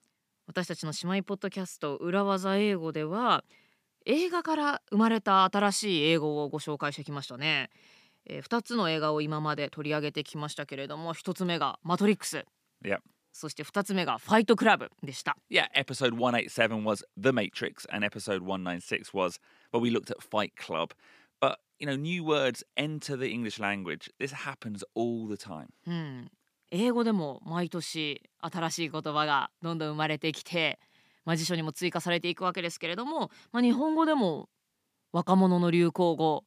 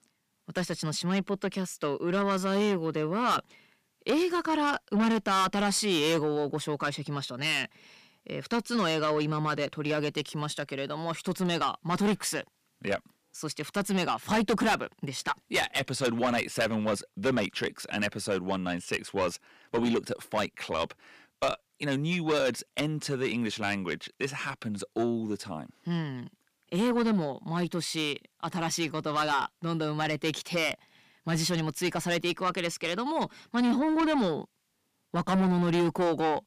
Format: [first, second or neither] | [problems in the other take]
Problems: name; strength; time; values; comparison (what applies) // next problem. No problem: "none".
first | distortion; heavy; 7 dB below the speech